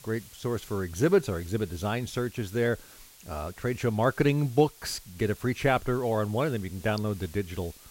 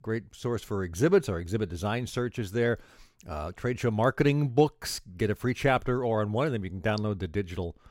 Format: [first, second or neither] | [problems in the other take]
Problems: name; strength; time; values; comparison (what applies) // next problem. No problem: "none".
second | hiss; faint; throughout; 20 dB below the speech